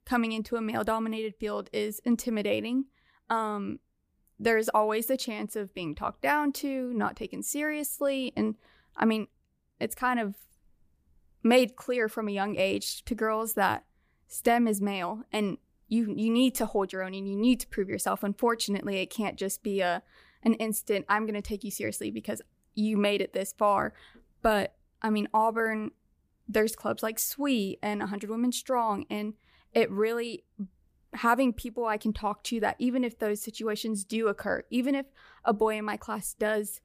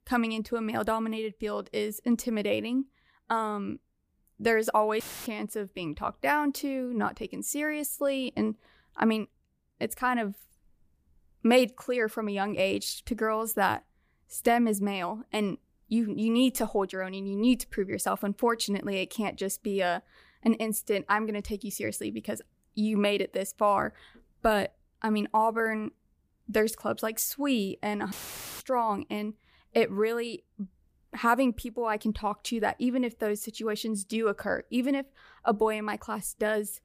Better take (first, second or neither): first